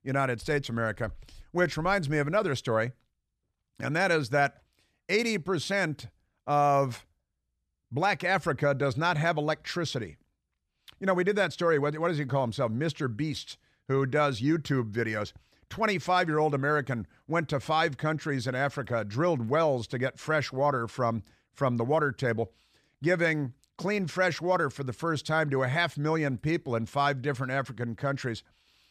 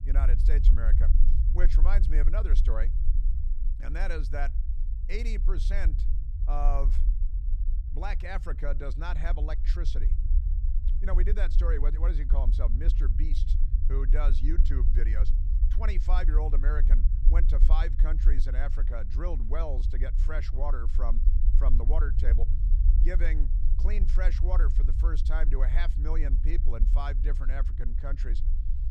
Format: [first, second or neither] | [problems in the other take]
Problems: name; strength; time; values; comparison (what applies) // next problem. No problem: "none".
first | low rumble; loud; throughout; 10 dB below the speech